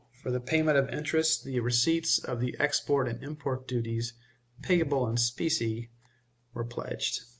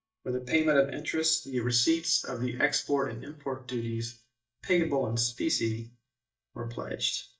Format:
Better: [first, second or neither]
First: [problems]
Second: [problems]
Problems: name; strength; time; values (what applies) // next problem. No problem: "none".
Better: first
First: none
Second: noise reduction (neural mask model DeepFilterNet 3)